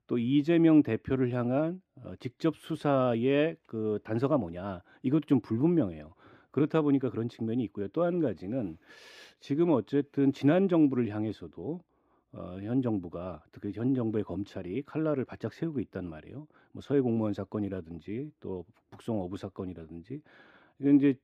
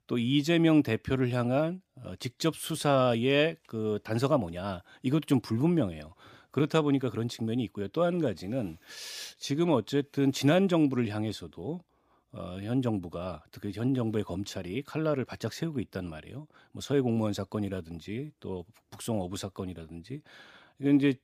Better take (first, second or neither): second